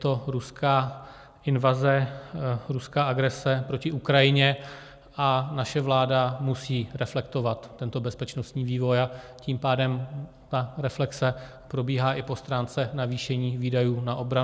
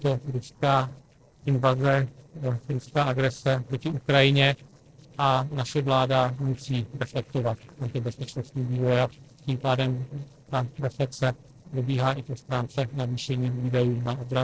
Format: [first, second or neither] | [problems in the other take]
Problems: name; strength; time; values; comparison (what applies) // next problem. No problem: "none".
first | noise reduction (neural separator model SepFormer DNS4)